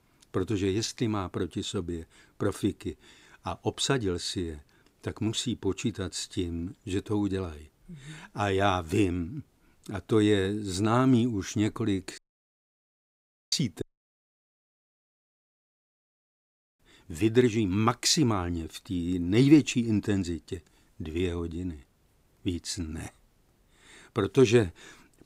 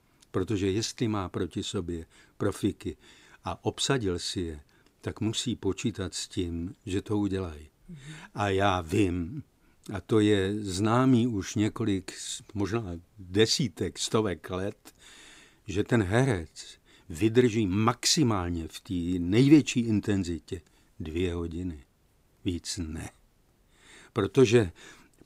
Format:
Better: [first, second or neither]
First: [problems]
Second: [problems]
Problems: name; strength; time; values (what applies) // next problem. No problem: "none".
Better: second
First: audio cutting out; at 12 s for 1.5 s and at 14 s for 3 s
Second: none